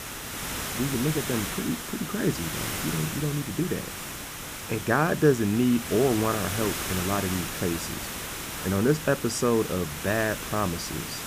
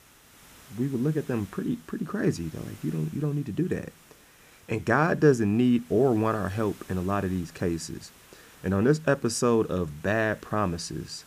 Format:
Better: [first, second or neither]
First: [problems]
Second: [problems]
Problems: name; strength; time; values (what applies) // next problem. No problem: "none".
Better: second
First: hiss; loud; throughout; 5 dB below the speech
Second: hiss; faint; throughout; 25 dB below the speech